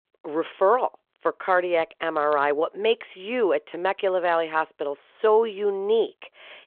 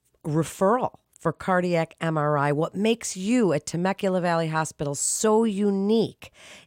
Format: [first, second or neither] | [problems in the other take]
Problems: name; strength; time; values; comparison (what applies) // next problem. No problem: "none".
second | phone-call audio